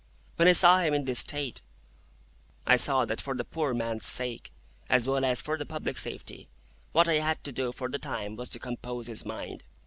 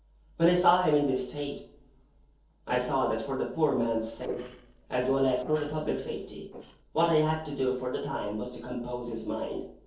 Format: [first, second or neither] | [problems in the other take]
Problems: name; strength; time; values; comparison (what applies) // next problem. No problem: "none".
first | noise reduction (neural separator model SepFormer DNS4)